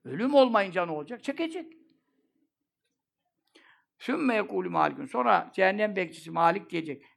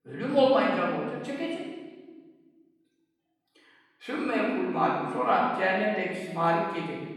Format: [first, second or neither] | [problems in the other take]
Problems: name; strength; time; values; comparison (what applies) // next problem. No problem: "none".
first | off-mic speech; far // room echo; noticeable; dies away in 1.2 s